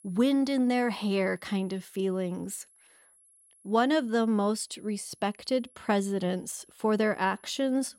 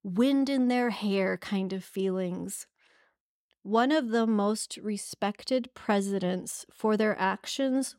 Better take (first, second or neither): second